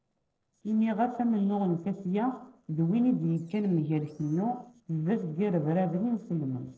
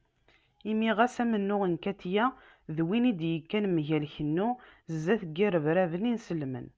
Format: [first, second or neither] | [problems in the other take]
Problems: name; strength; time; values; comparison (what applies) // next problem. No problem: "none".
second | noise reduction (neural separator model SepFormer DNS4)